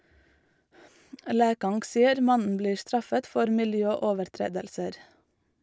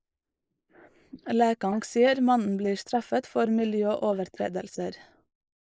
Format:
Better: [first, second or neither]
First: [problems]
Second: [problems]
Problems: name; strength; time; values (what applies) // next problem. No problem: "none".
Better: first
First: none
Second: noise reduction (neural mask model Resemble Enhance denoiser)